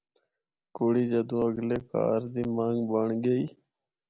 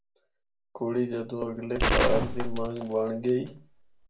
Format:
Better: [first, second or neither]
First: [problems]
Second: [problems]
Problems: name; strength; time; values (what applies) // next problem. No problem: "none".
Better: first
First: none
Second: background sound (Gunshot, gunfire); 2 dB above the speech // room echo; dies away in 0.2 s